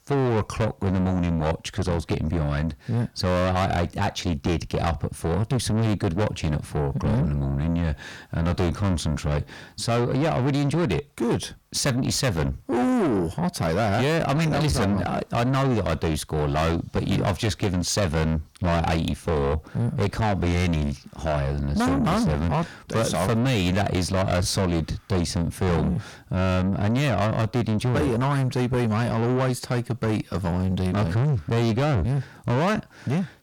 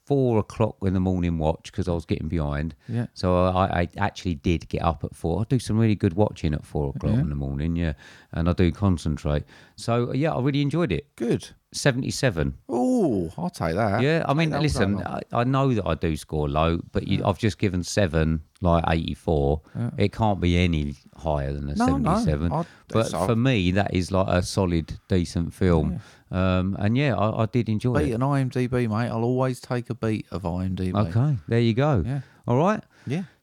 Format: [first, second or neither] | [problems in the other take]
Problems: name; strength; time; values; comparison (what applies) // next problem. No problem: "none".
second | distortion; heavy; 6 dB below the speech